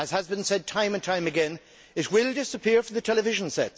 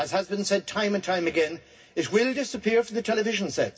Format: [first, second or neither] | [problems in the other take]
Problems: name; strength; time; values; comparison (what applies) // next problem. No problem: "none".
first | room echo; dies away in 0.4 s